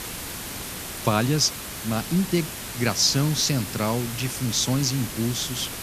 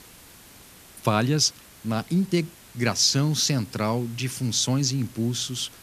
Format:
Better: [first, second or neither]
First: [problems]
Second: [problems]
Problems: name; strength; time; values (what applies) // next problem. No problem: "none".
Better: second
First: hiss; loud; throughout; 8 dB below the speech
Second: hiss; faint; throughout; 25 dB below the speech